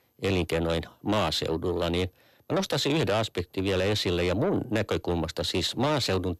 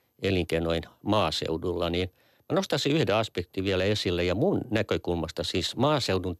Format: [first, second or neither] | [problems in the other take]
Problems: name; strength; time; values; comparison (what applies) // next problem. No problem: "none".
second | distortion; slight; 10 dB below the speech